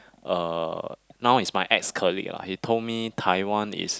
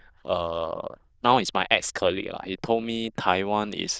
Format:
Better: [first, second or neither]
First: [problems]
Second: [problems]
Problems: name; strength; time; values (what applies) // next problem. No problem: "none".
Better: first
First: none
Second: noise reduction (neural diffusion model UNIVERSE++)